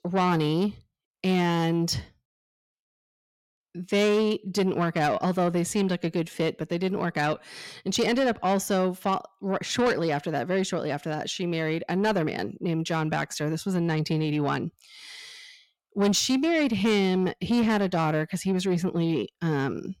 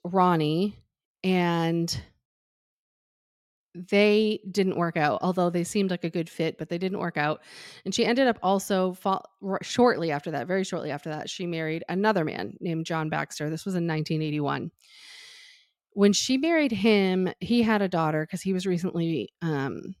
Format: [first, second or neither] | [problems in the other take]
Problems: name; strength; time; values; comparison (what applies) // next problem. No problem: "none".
second | distortion; slight; 10 dB below the speech